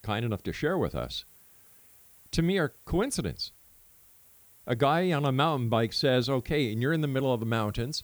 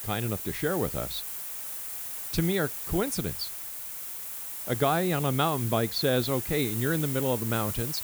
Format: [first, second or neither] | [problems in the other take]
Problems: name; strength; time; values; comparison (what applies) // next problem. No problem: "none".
first | hiss; loud; throughout; 4 dB below the speech; faint in the first